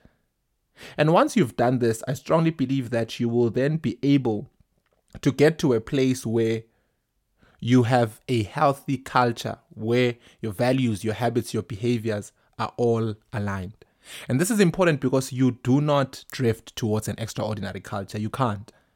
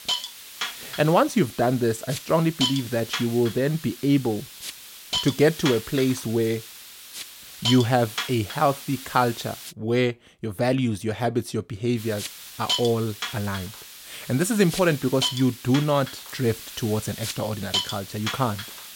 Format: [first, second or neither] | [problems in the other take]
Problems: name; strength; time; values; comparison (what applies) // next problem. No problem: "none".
first | hiss; loud; until 9.5 s and from 12 s on; 7 dB below the speech